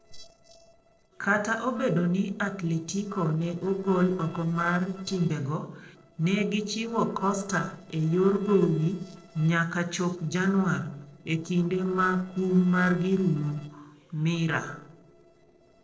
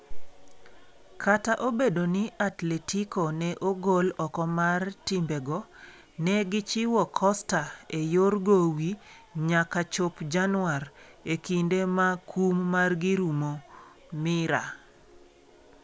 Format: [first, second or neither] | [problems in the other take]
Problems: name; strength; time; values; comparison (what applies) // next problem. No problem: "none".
second | noise reduction (neural separator model SepFormer DNS4)